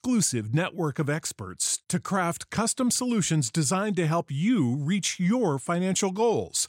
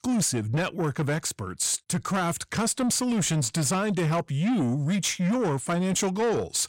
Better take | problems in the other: first | distortion; slight; 10 dB below the speech

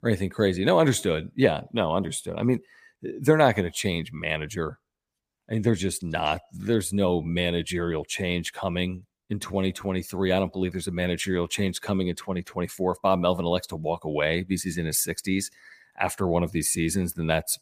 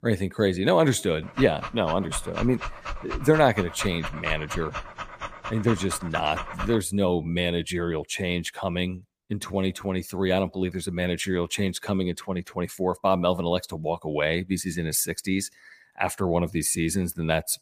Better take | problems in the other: first | dog barking; noticeable; from 1.5 to 7 s; peak 7 dB below the speech

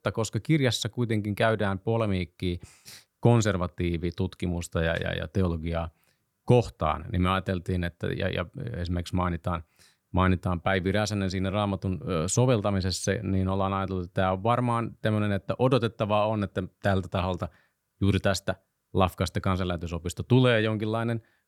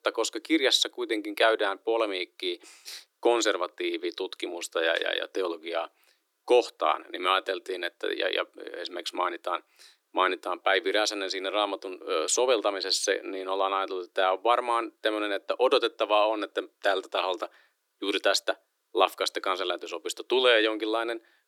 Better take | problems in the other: first | thin; very; fading below 300 Hz

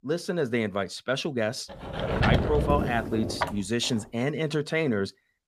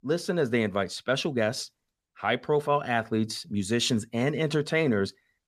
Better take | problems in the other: second | door banging; loud; from 2 to 3.5 s; peak 4 dB above the speech

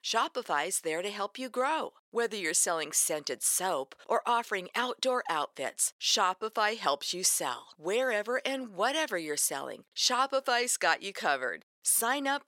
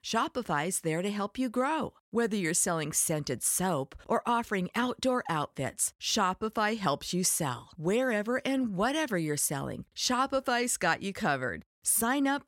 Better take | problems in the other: second | thin; somewhat; fading below 500 Hz

